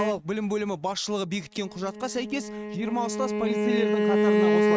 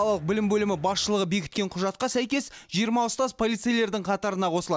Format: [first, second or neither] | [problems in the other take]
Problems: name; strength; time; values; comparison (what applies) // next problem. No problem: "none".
second | noise reduction (neural mask model RNNoise)